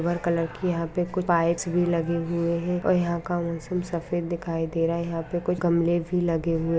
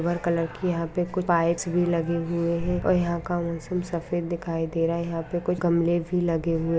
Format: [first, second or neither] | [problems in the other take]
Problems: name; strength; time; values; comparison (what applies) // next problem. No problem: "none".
first | background sound (Boom); 18 dB below the speech